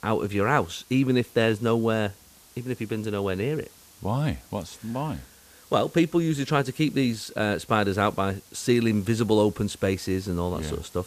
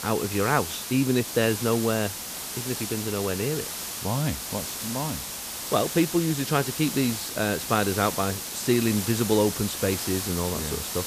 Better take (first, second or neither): first